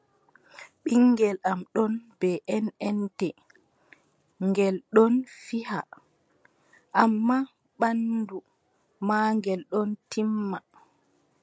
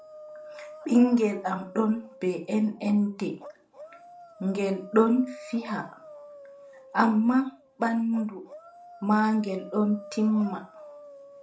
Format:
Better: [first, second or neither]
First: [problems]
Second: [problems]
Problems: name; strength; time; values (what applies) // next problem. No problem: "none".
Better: first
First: none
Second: background sound (Dog); 19 dB below the speech // room echo; dies away in 0.4 s